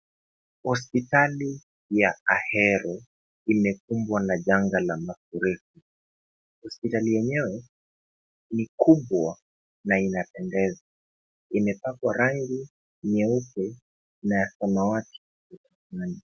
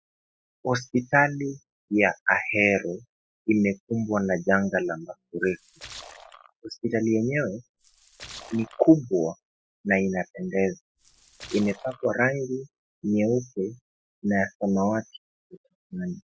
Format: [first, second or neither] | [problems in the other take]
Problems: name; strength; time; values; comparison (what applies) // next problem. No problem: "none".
first | noise reduction (classical method spectral subtraction)